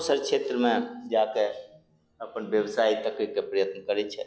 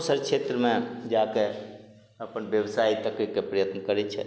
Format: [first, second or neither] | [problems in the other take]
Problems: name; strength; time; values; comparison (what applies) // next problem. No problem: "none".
second | noise reduction (classical method log-MMSE)